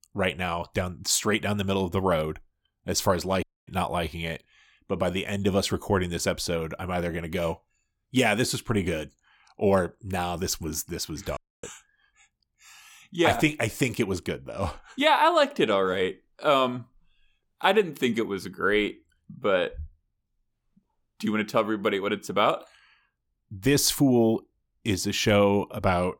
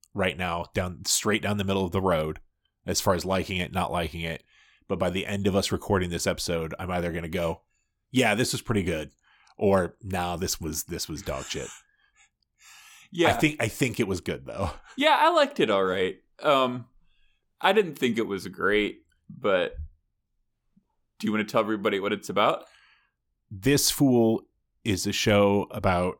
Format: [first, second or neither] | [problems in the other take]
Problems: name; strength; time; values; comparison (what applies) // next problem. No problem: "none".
second | audio cutting out; at 3.5 s and at 11 s